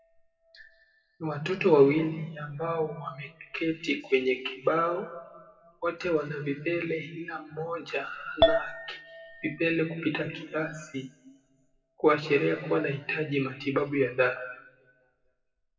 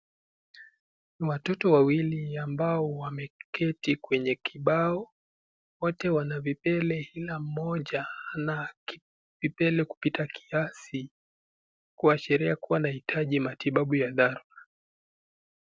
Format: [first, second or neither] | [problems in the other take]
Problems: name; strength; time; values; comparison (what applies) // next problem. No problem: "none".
second | noise reduction (classical method WPE with log-MMSE)